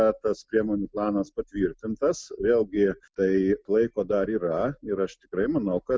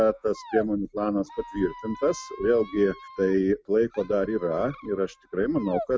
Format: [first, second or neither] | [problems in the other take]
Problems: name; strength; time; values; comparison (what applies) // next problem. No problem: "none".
first | background sound (Squeak); 16 dB below the speech